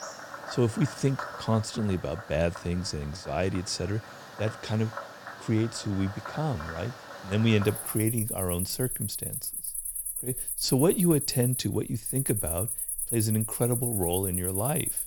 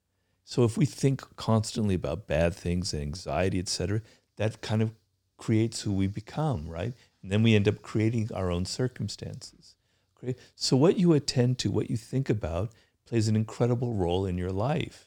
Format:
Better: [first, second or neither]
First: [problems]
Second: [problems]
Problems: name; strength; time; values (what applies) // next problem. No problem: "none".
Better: second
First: animal sounds; loud; throughout; 3 dB below the speech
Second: none